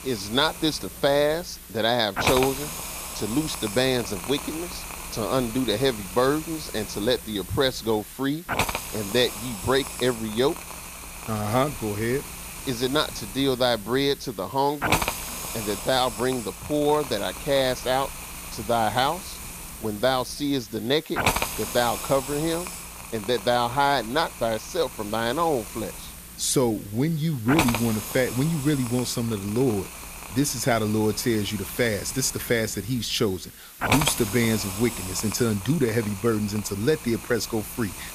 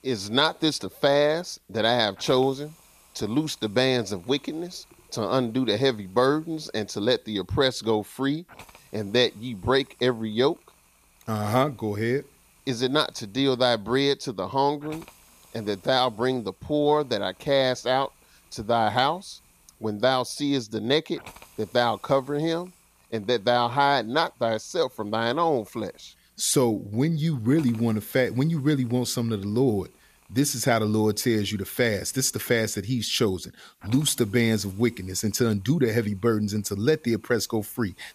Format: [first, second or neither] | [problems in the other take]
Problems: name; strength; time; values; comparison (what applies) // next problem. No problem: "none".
second | hiss; loud; throughout; 7 dB below the speech; faint in the second